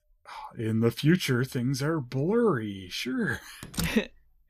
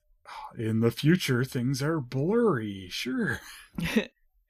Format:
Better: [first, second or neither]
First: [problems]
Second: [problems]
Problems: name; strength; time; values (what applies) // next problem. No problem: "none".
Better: second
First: door banging; noticeable; at 3.5 s; peak 8 dB below the speech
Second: none